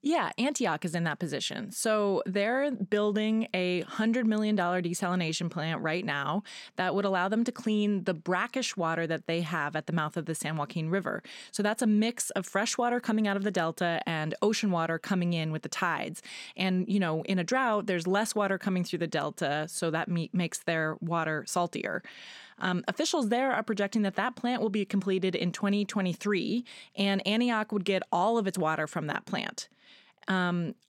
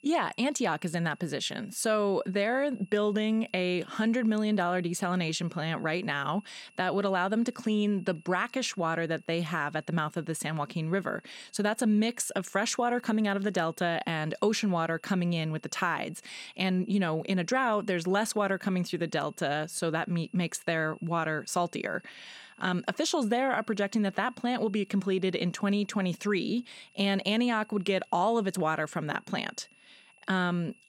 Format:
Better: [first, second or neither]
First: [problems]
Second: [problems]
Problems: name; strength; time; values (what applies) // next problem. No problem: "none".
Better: first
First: none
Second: high-pitched whine; faint; throughout; 2.5 kHz, 30 dB below the speech